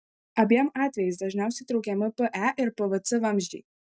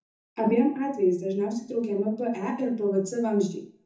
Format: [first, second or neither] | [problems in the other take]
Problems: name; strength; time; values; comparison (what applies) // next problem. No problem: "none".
first | room echo; dies away in 0.5 s